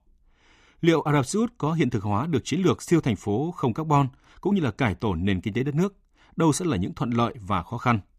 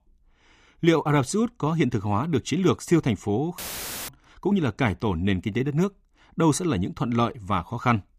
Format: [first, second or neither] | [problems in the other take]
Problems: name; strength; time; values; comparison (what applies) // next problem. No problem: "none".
first | audio cutting out; filled with static; at 3.5 s for 0.5 s